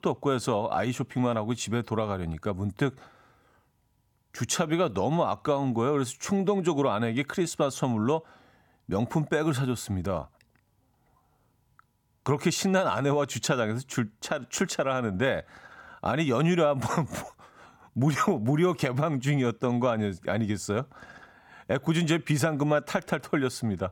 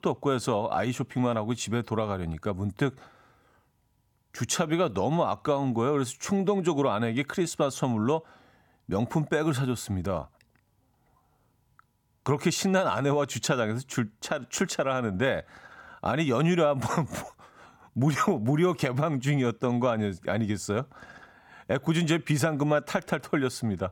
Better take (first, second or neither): neither